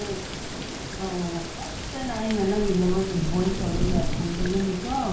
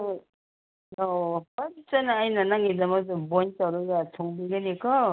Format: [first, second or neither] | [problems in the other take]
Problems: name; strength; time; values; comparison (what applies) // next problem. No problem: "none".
second | background sound (Thunder / Rain); 2 dB below the speech // room echo; dies away in 0.6 s